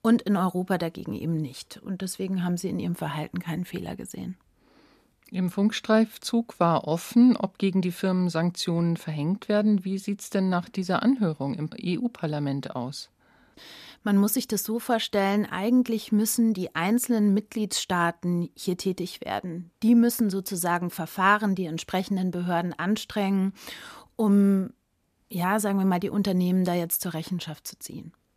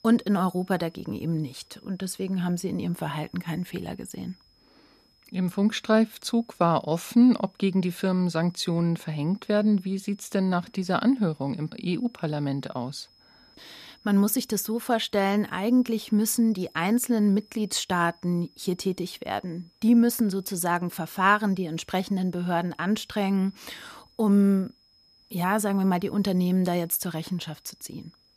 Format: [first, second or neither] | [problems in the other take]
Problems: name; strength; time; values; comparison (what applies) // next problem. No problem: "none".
first | high-pitched whine; faint; throughout; 5 kHz, 30 dB below the speech